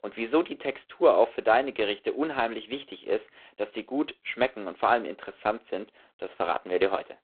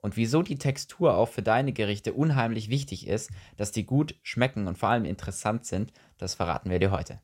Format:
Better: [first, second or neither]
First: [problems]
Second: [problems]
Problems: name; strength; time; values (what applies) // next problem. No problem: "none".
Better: second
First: phone-call audio; poor line; nothing above 3.5 kHz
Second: none